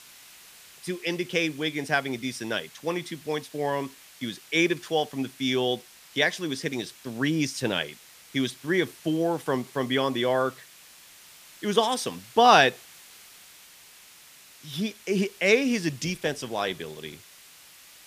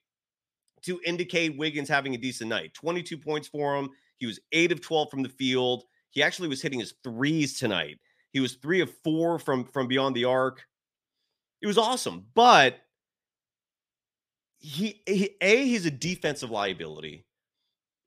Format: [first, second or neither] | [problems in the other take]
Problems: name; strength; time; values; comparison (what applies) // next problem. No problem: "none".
second | hiss; faint; throughout; 20 dB below the speech